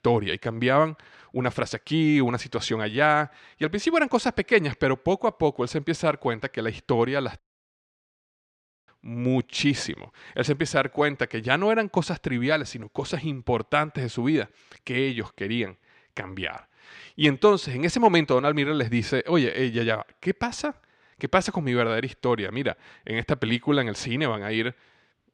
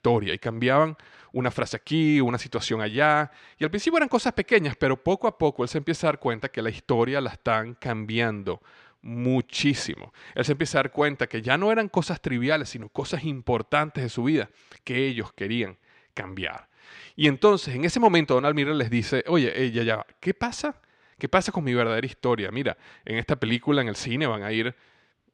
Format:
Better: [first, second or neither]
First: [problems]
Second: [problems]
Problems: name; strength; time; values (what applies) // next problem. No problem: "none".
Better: second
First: audio cutting out; at 7.5 s for 1.5 s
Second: none